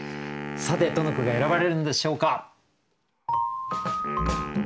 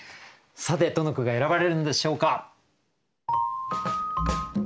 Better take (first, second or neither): second